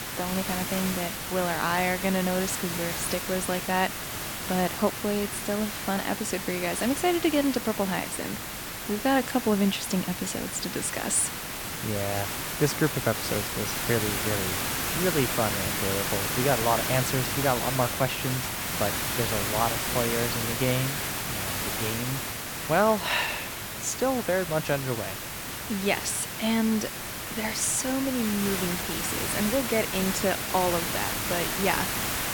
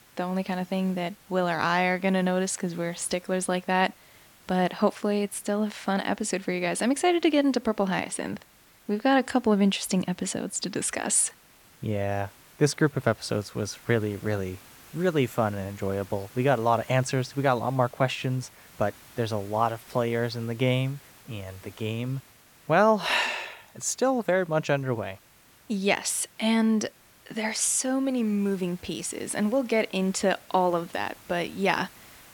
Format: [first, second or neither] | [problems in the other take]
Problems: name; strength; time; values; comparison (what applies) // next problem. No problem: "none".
second | hiss; loud; throughout; 2 dB below the speech; faint in the second